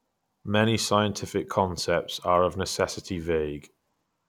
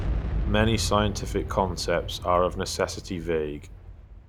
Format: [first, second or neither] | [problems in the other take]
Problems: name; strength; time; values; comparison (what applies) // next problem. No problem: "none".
first | background sound (Boom); 4 dB below the speech